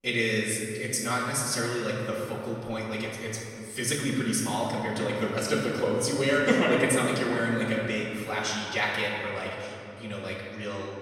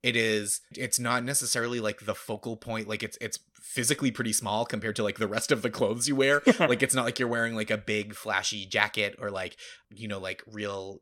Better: second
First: off-mic speech; far // room echo; noticeable; dies away in 2.6 s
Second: none

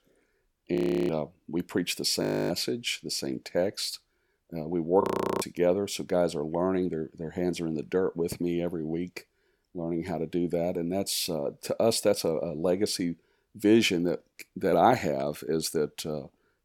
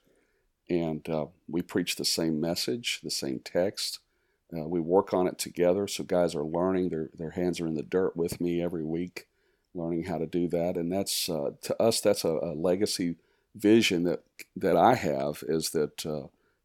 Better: second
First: audio freezing; at 1 s, at 2 s and at 5 s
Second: none

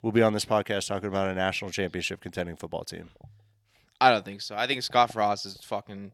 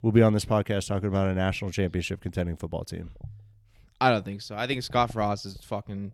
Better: second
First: thin; somewhat; fading below 400 Hz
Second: none

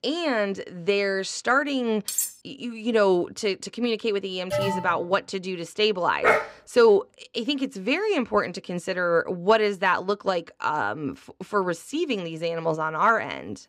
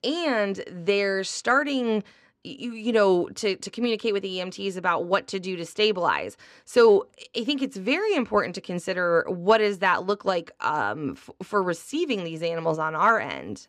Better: second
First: clattering dishes; noticeable; at 2 s; peak 2 dB below the speech // alarm; noticeable; at 4.5 s; peak 2 dB below the speech // dog barking; loud; at 6 s; peak 3 dB above the speech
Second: none

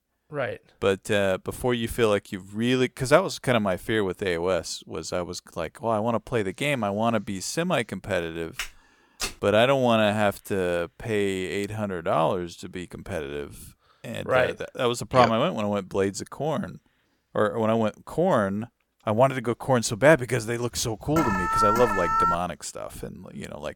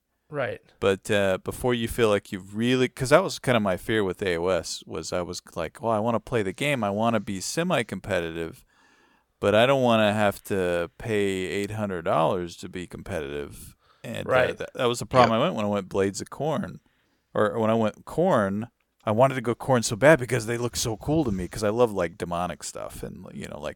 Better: second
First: footsteps; noticeable; at 8.5 s; peak 7 dB below the speech // alarm; loud; from 21 to 22 s; peak 3 dB above the speech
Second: none

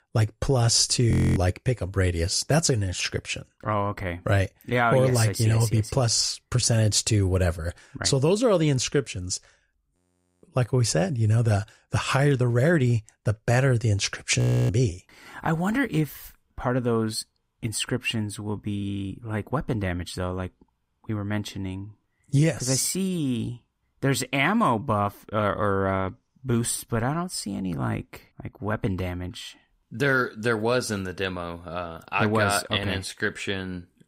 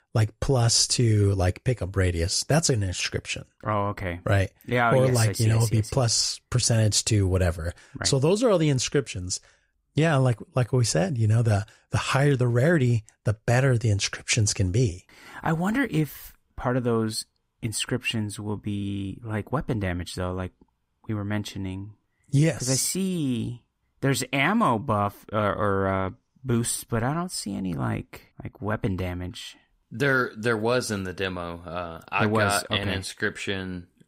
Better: second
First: audio freezing; at 1 s, at 10 s and at 14 s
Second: none

